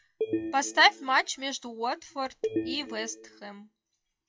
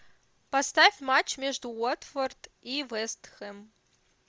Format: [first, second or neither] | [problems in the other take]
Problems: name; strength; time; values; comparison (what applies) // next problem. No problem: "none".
second | noise reduction (classical method WPE with log-MMSE)